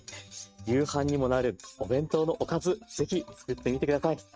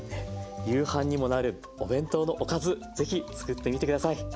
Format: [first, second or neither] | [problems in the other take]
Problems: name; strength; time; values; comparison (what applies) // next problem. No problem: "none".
second | noise reduction (neural mask model RNNoise)